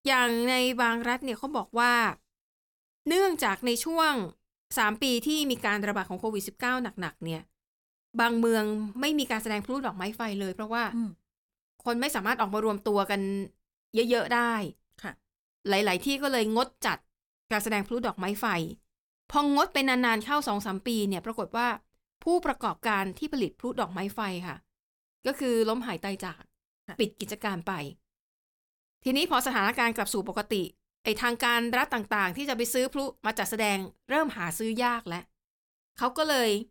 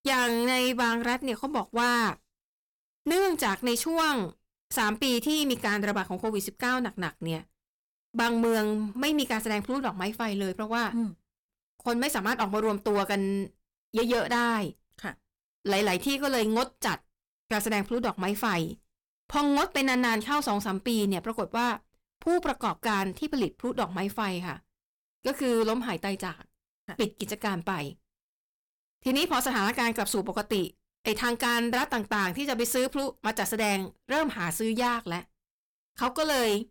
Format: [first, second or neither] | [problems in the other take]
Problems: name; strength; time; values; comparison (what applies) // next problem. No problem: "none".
first | distortion; slight; 9% of the sound clipped